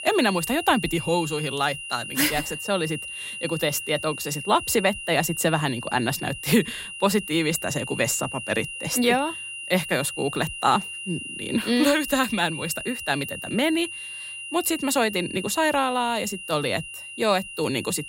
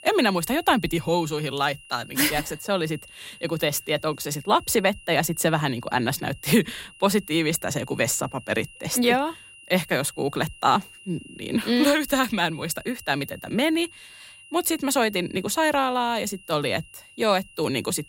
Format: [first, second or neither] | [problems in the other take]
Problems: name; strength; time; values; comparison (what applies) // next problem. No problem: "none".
second | high-pitched whine; loud; throughout; 3 kHz, 9 dB below the speech; faint in the second